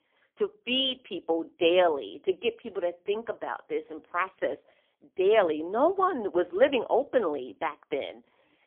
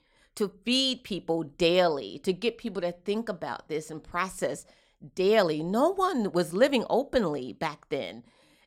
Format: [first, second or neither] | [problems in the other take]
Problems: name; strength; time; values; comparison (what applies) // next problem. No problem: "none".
second | phone-call audio; poor line; nothing above 3.5 kHz